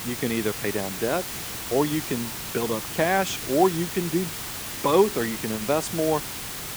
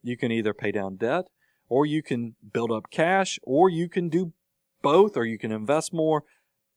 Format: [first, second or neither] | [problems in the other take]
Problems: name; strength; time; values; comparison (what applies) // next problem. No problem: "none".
second | hiss; loud; throughout; 5 dB below the speech